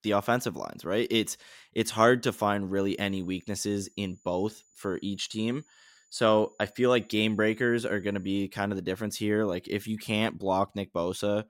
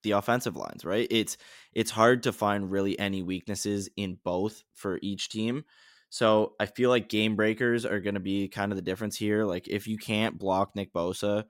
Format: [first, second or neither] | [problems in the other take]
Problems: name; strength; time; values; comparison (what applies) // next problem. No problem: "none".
second | high-pitched whine; faint; from 3 to 8.5 s; 7 kHz, 35 dB below the speech